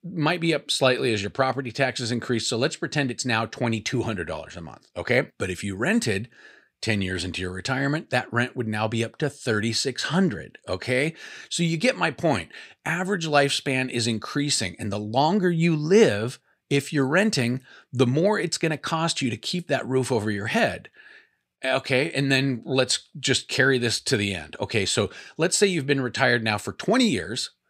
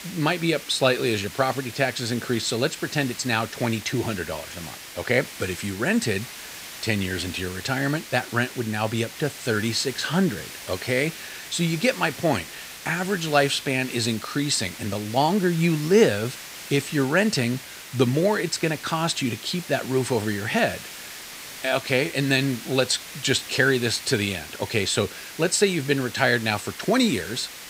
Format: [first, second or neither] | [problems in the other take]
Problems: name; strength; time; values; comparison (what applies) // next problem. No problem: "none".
first | hiss; noticeable; throughout; 15 dB below the speech